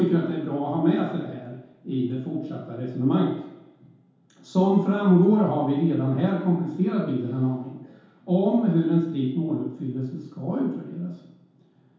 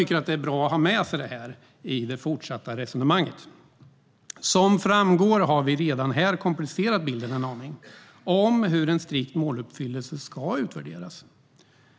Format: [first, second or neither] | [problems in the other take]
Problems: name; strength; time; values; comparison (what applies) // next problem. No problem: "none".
second | room echo; dies away in 0.8 s